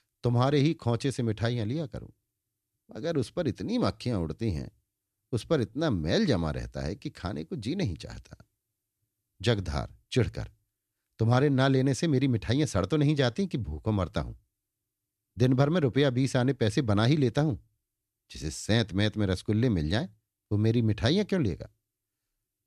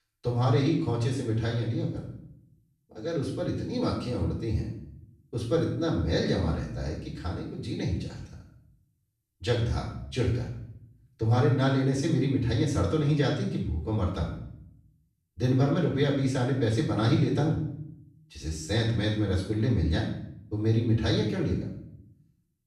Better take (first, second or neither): first